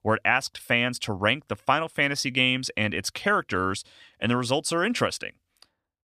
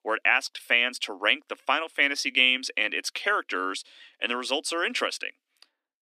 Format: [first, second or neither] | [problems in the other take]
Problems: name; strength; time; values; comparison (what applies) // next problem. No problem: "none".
first | thin; somewhat; fading below 250 Hz